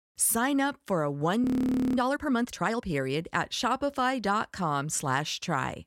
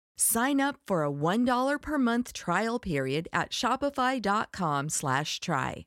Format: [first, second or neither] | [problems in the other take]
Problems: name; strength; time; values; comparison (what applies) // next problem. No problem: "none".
second | audio freezing; at 1.5 s for 0.5 s